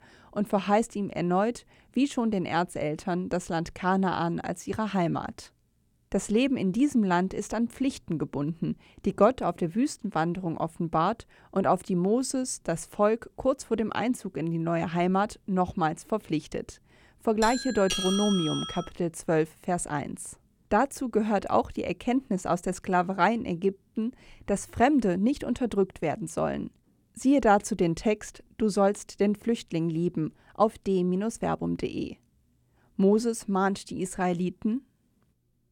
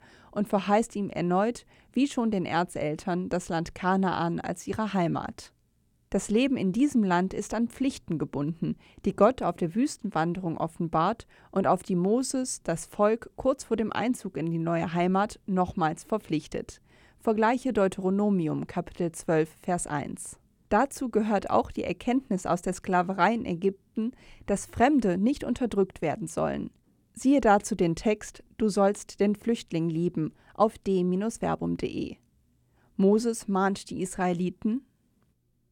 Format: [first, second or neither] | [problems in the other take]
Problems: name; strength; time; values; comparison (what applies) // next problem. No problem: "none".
second | doorbell; noticeable; from 17 to 19 s; peak 1 dB below the speech